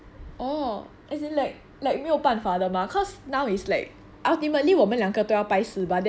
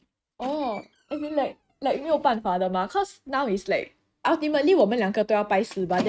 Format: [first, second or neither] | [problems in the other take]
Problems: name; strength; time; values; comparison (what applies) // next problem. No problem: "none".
first | noise reduction (neural mask model RNNoise)